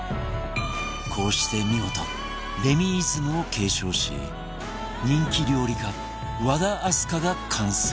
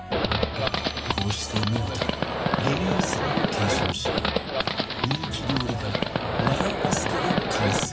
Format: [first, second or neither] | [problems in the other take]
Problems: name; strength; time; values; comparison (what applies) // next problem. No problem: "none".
first | background sound (Livestock, farm animals, working animals); 3 dB above the speech // room echo; dies away in 0.4 s